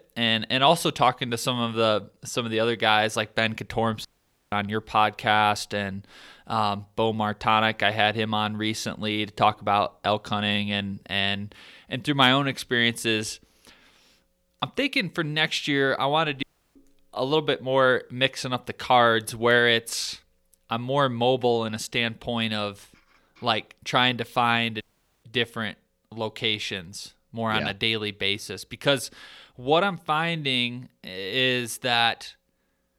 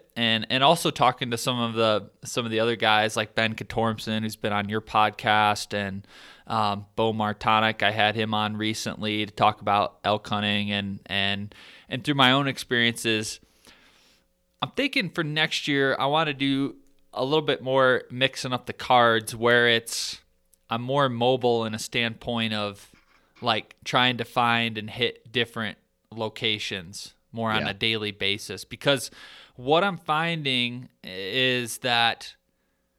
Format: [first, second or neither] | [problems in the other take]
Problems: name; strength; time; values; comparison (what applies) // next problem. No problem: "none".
second | audio cutting out; at 4 s, at 16 s and at 25 s